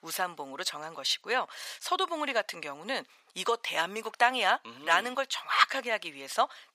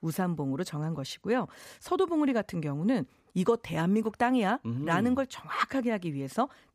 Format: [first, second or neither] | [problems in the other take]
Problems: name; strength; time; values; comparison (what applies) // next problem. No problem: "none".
second | thin; very; fading below 900 Hz